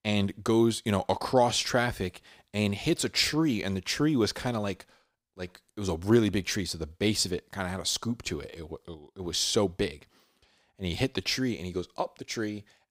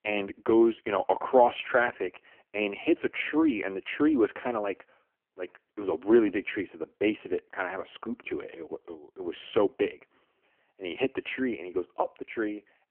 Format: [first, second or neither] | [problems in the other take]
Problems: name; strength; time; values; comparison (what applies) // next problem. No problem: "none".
first | phone-call audio; poor line; nothing above 3 kHz